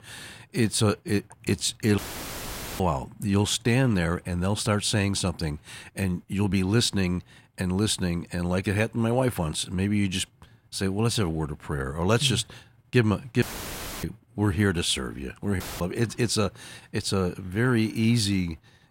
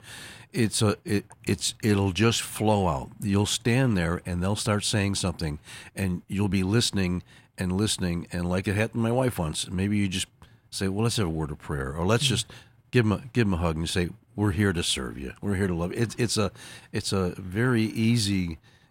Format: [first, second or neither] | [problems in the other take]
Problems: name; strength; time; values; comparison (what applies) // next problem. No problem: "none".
second | audio cutting out; filled with static; at 2 s for 1 s, at 13 s for 0.5 s and at 16 s